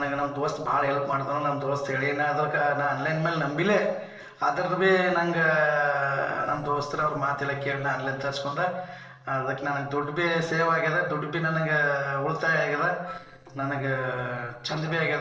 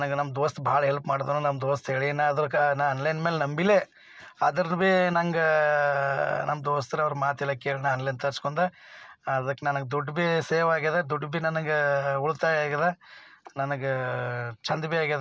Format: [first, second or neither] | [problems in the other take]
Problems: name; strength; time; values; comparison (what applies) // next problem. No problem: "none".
second | noise reduction (neural separator model SepFormer DNS4)